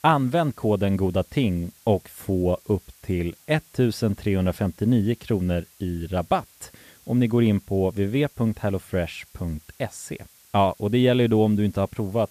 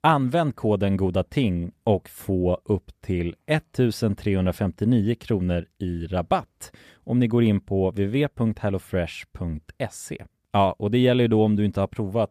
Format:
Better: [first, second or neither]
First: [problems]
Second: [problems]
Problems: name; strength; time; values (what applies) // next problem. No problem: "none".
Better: second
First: hiss; faint; throughout; 25 dB below the speech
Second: none